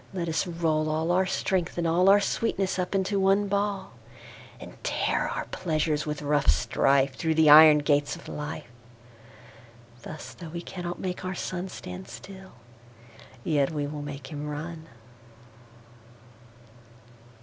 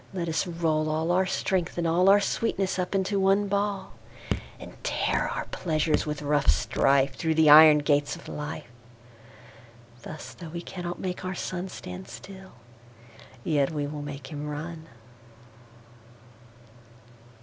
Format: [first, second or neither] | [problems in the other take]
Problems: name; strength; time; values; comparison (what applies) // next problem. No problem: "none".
first | background sound (Raindrop / Drip); 9 dB below the speech